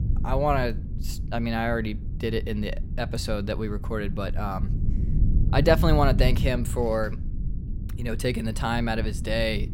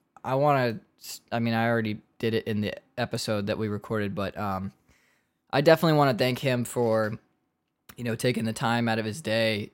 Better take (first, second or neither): second